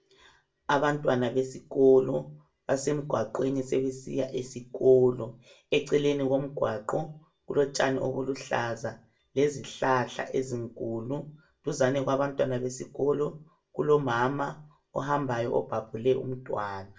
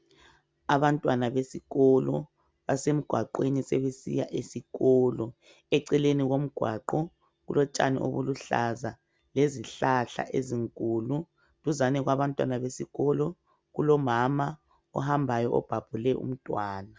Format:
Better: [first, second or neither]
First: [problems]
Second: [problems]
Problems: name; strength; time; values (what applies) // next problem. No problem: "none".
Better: second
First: room echo; dies away in 0.2 s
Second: none